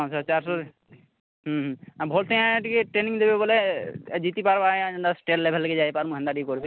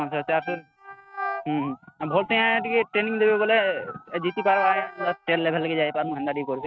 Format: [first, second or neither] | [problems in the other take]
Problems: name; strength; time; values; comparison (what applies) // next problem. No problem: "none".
first | noise reduction (neural mask model RNNoise)